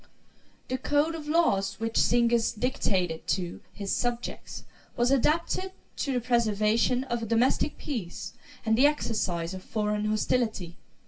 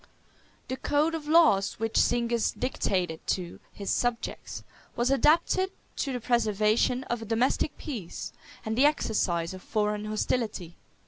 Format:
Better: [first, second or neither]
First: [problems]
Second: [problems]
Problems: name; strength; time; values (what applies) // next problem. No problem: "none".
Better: second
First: room echo; dies away in 0.2 s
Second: none